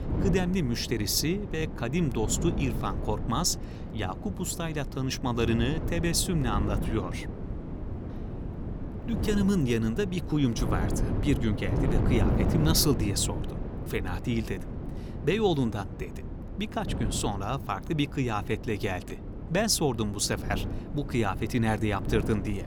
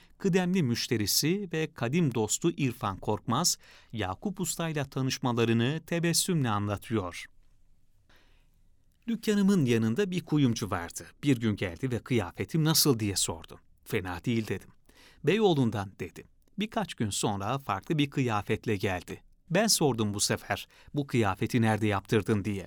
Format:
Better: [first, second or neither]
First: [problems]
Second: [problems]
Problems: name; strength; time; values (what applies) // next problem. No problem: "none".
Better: second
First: wind noise on the microphone; heavy; 9 dB below the speech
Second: none